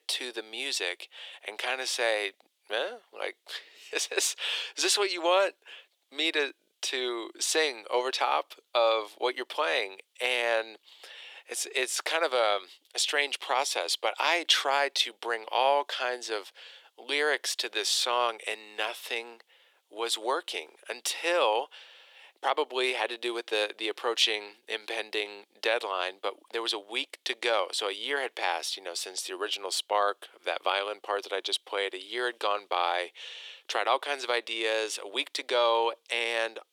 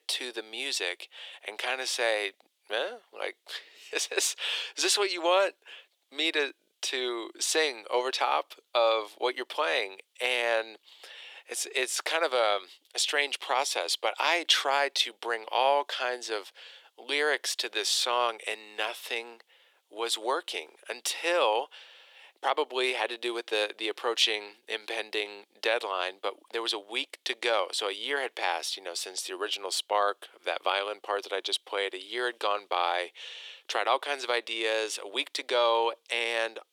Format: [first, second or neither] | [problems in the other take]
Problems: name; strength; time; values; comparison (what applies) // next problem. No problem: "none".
neither | thin; very; fading below 400 Hz; the same in both